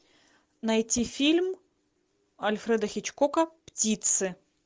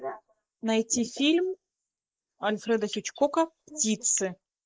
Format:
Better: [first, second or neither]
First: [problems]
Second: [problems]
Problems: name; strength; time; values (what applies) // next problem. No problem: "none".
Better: first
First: none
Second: noise reduction (neural mask model Resemble Enhance denoiser)